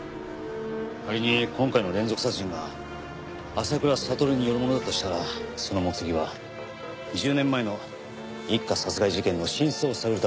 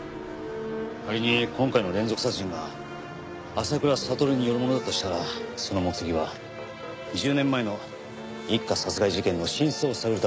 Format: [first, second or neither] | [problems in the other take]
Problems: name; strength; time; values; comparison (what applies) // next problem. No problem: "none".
second | background sound (Engine / Mechanisms); 20 dB below the speech